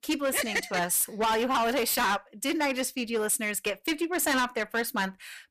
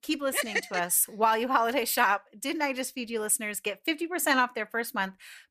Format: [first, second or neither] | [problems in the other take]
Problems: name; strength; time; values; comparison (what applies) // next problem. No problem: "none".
second | distortion; heavy; 15% of the sound clipped